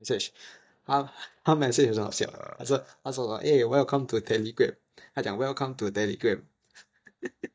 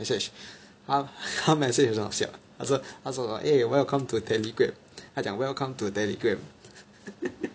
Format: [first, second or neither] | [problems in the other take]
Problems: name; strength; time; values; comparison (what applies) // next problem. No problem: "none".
second | noise reduction (neural mask model DeepFilterNet 3)